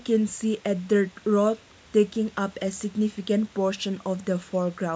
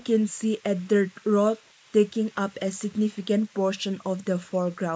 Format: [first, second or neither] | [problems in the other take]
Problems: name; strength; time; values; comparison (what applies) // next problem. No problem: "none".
first | noise reduction (neural mask model Resemble Enhance denoiser)